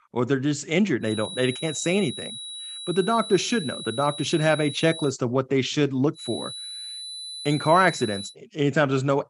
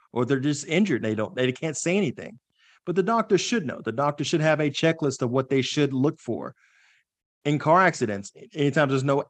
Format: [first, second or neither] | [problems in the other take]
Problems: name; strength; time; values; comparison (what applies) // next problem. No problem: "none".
second | high-pitched whine; loud; from 1 to 5 s and from 6 to 8.5 s; 4 kHz, 10 dB below the speech